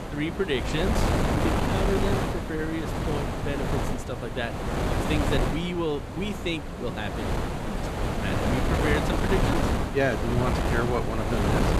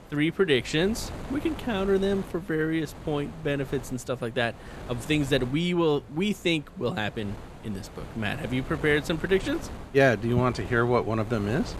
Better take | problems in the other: second | wind noise on the microphone; heavy; 1 dB above the speech; occasional gusts in the second

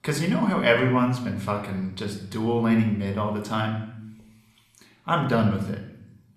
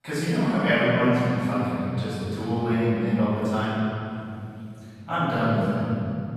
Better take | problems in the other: first | room echo; strong; dies away in 3 s; slight in the first // off-mic speech; far

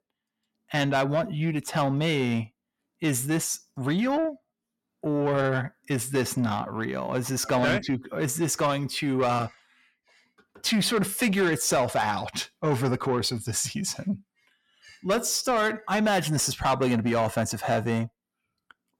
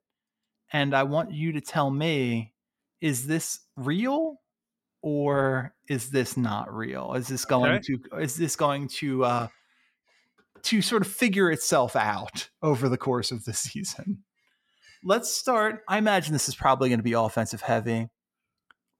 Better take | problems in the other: second | distortion; slight; 10 dB below the speech

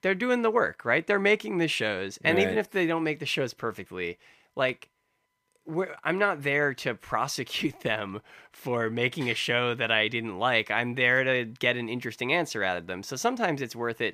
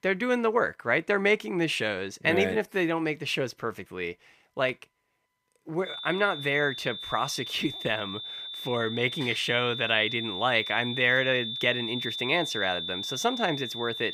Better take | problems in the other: first | high-pitched whine; loud; from 6 s on; 3.5 kHz, 6 dB below the speech

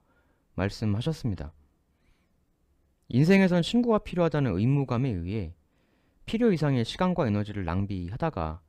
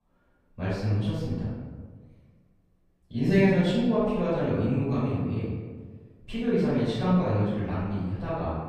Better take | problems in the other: first | room echo; strong; dies away in 1.4 s // off-mic speech; far

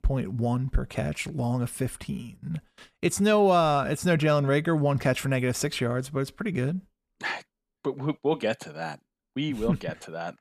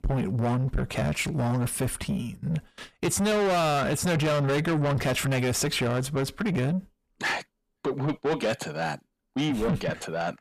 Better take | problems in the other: first | distortion; heavy; 6 dB below the speech

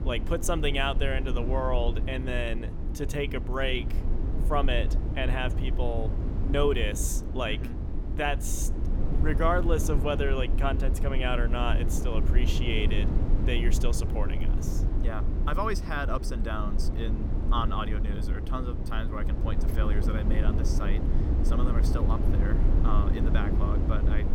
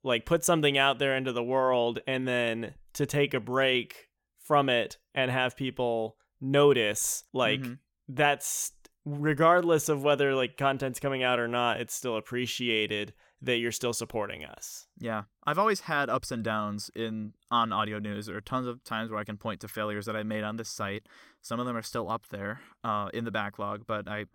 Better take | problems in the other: second | low rumble; loud; throughout; 8 dB below the speech

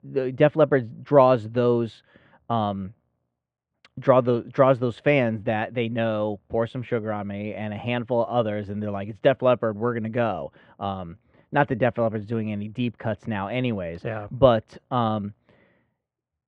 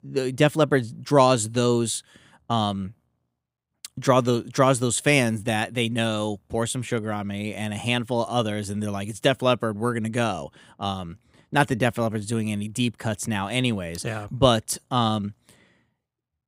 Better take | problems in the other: second | muffled; very; fading above 2.5 kHz

